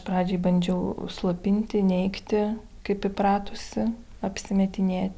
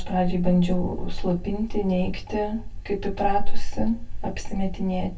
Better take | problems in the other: first | room echo; dies away in 0.1 s

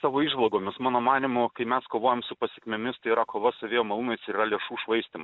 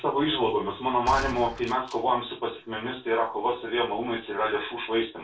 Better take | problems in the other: first | background sound (Gunshot, gunfire); 12 dB below the speech // room echo; dies away in 0.2 s

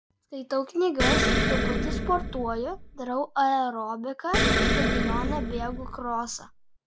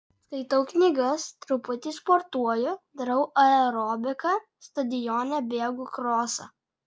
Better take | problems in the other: second | background sound (Explosion); 3 dB above the speech

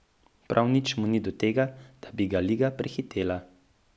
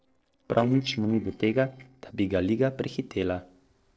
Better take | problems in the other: first | noise reduction (neural separator model SepFormer DNS4)

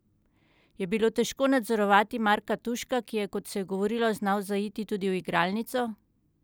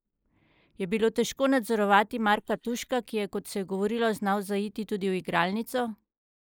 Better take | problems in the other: first | noise reduction (neural mask model Resemble Enhance denoiser)

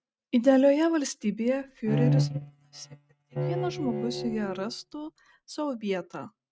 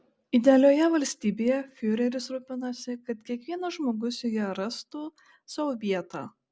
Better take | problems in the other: second | noise reduction (neural mask model RNNoise)

